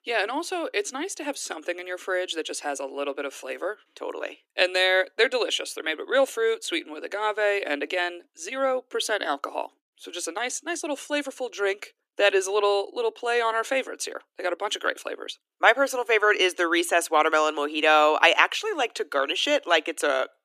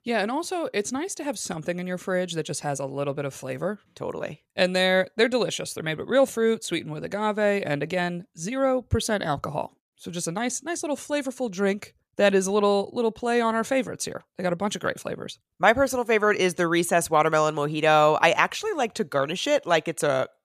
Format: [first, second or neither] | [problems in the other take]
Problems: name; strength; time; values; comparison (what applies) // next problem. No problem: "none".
second | thin; somewhat; fading below 300 Hz